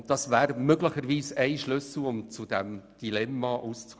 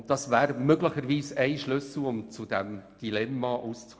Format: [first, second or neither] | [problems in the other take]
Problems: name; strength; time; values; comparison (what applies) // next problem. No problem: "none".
first | room echo; dies away in 1 s